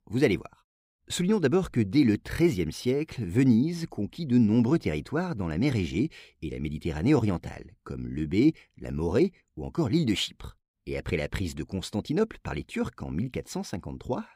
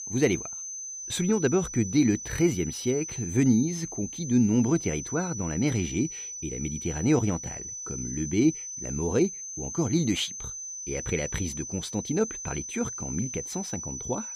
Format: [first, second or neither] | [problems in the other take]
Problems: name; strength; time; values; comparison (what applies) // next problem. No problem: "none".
first | high-pitched whine; loud; throughout; 6 kHz, 7 dB below the speech